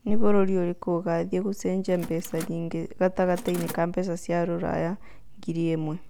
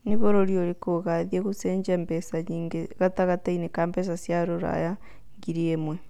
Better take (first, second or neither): second